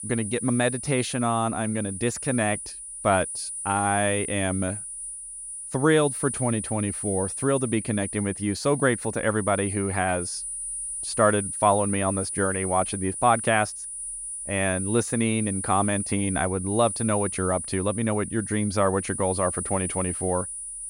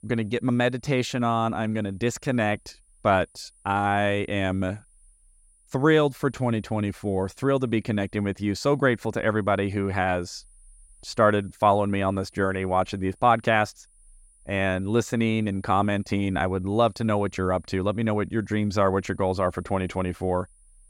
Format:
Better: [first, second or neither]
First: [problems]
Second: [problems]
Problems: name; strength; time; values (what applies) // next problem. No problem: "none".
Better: second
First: high-pitched whine; loud; throughout; 9.5 kHz, 6 dB below the speech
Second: high-pitched whine; faint; throughout; 9.5 kHz, 30 dB below the speech